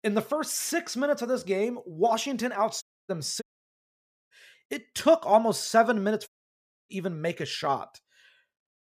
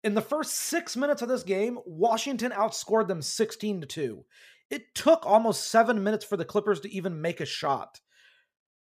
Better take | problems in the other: second | audio cutting out; at 3 s, at 3.5 s for 1 s and at 6.5 s for 0.5 s

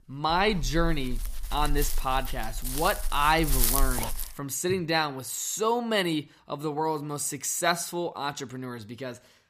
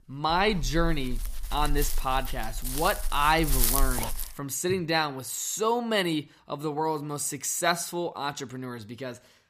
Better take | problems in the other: neither | dog barking; loud; until 4 s; peak 4 dB above the speech; the same in both

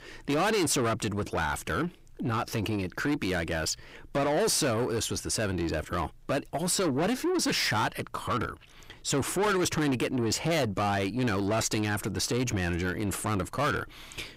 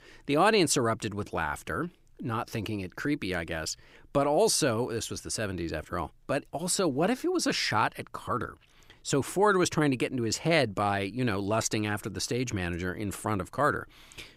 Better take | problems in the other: second | distortion; heavy; 7 dB below the speech

